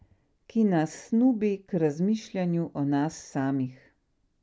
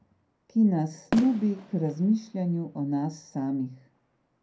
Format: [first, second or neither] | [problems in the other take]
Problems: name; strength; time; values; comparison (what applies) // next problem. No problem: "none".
first | background sound (Fireworks); 15 dB below the speech // room echo; dies away in 0.2 s